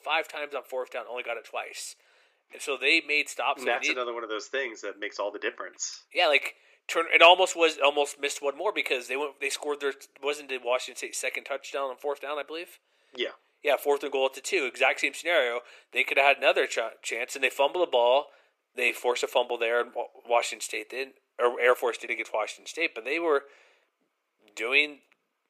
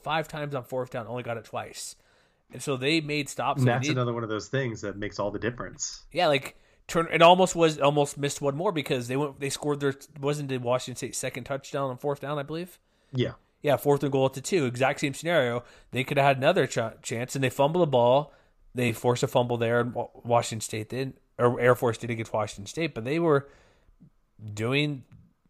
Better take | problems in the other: second | thin; very; fading below 350 Hz

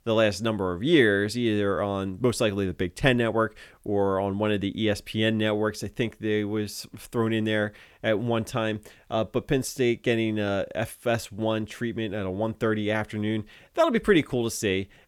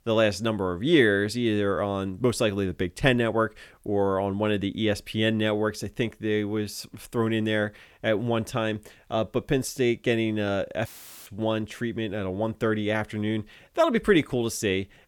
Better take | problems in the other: first | audio cutting out; filled with static; at 11 s

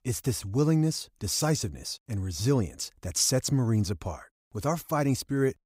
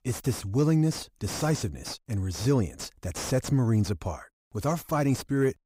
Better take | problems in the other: first | distortion; slight; 10 dB below the speech

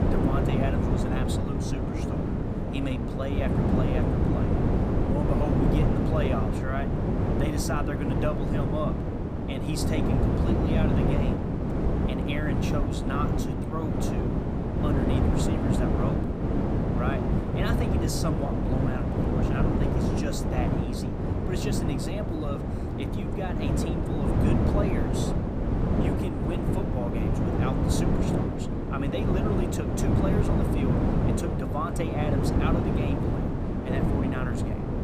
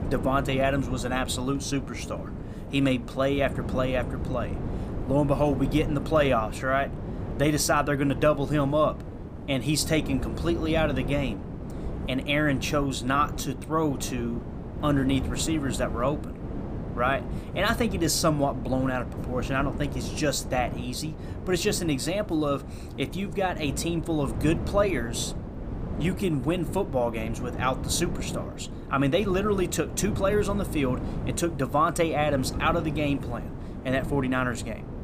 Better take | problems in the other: second | wind noise on the microphone; heavy; 4 dB above the speech; occasional gusts in the second

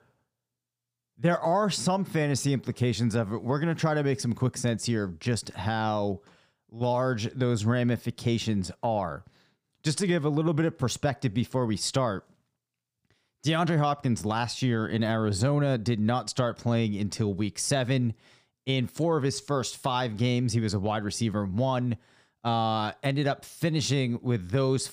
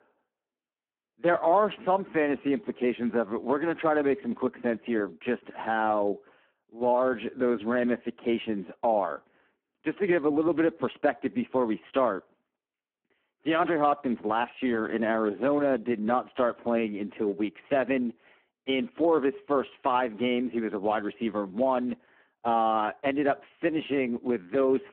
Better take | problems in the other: first | phone-call audio; poor line

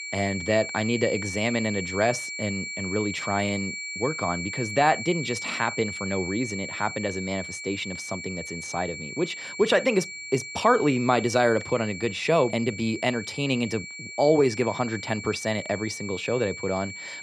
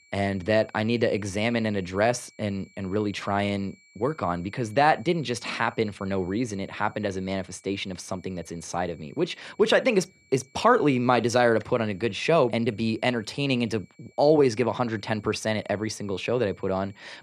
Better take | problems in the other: second | high-pitched whine; loud; throughout; 2.5 kHz, 7 dB below the speech; faint in the second

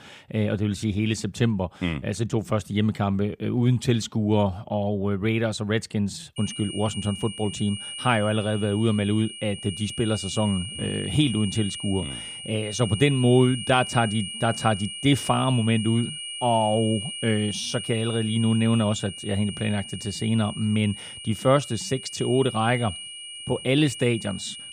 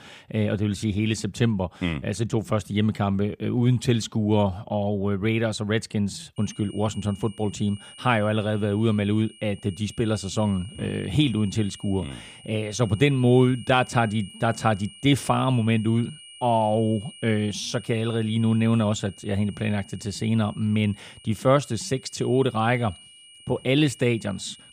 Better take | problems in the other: second | high-pitched whine; loud; from 6.5 s on; 3 kHz, 9 dB below the speech; faint in the second

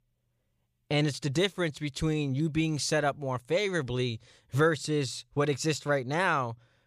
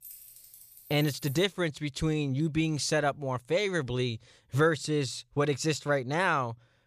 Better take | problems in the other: first | jangling keys; faint; until 1.5 s; peak 15 dB below the speech

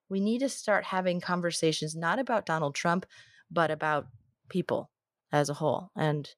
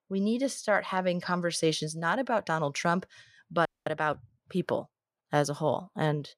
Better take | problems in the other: first | audio freezing; at 3.5 s

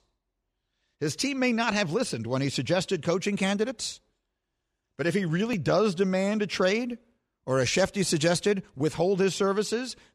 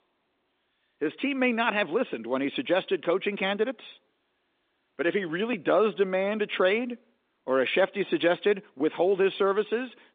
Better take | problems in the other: first | phone-call audio; nothing above 3.5 kHz

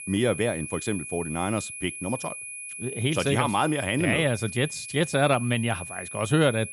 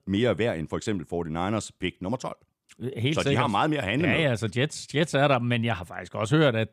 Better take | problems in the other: second | high-pitched whine; loud; throughout; 2.5 kHz, 9 dB below the speech

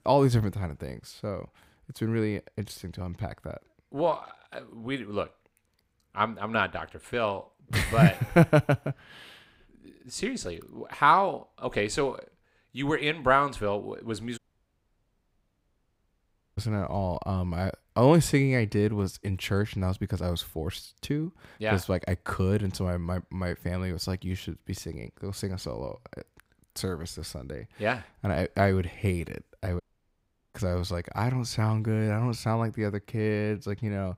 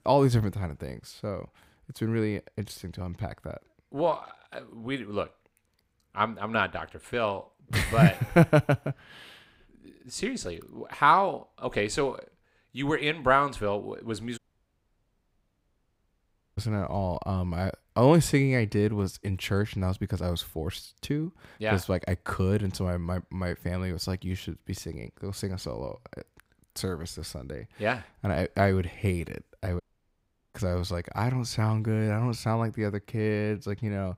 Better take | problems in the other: neither | audio cutting out; at 14 s for 2 s and at 30 s for 0.5 s; the same in both

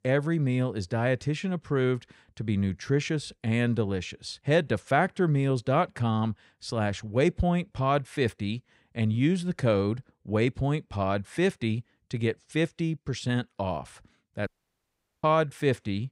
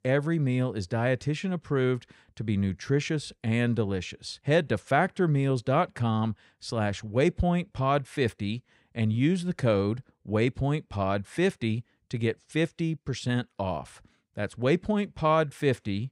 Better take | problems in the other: second | audio cutting out; at 14 s for 1 s

